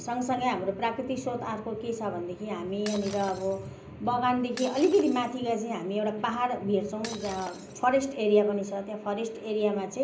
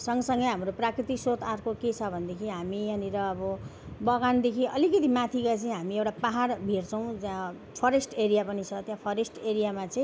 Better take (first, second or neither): second